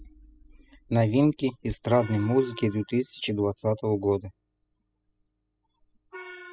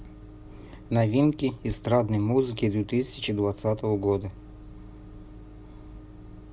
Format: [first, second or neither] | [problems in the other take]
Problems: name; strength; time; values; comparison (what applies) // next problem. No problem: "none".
second | noise reduction (classical method spectral subtraction)